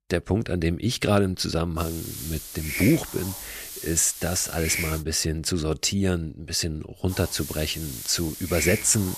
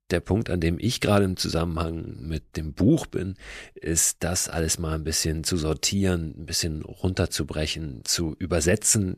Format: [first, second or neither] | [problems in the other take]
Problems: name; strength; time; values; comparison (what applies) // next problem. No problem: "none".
second | hiss; loud; from 2 to 5 s and from 7 s on; 7 dB below the speech